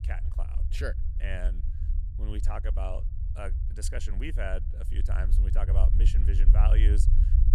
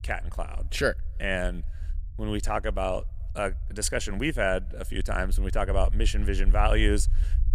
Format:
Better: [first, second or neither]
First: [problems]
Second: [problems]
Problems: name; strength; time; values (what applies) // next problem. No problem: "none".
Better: second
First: low rumble; loud; throughout; 8 dB below the speech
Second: low rumble; faint; throughout; 25 dB below the speech